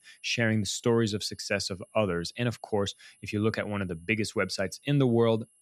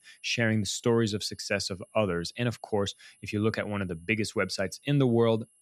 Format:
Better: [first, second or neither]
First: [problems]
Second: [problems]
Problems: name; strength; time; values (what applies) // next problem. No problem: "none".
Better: neither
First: high-pitched whine; faint; throughout; 11 kHz, 30 dB below the speech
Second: high-pitched whine; faint; throughout; 11 kHz, 30 dB below the speech